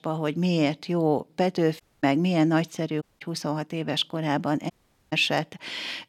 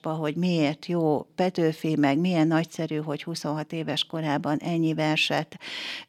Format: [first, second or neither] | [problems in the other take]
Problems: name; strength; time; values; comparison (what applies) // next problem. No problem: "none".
second | audio cutting out; at 2 s, at 3 s and at 4.5 s